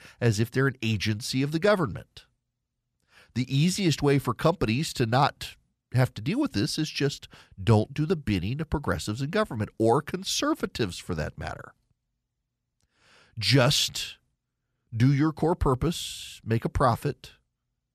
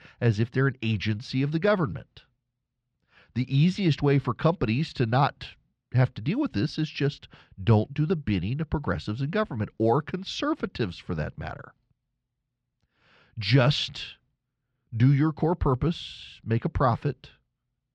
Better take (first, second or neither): first